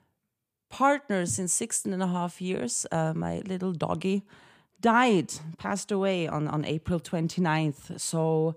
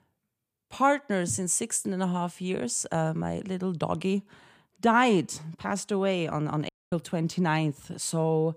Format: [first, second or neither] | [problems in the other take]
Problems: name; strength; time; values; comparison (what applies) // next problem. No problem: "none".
first | audio cutting out; at 6.5 s